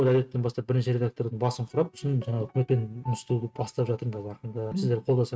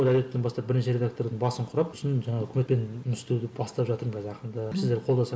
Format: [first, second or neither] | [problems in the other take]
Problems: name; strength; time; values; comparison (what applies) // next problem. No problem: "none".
second | noise reduction (neural mask model RNNoise)